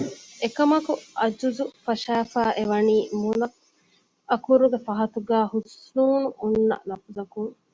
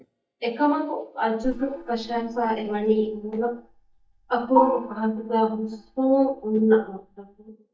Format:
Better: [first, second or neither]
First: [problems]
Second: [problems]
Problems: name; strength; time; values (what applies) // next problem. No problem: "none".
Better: first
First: none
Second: noise reduction (neural mask model DeepFilterNet 3)